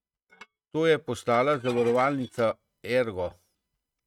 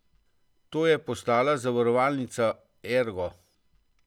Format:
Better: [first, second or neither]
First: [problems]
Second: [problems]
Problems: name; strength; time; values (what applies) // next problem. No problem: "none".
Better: second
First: noise reduction (neural mask model RNNoise)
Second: none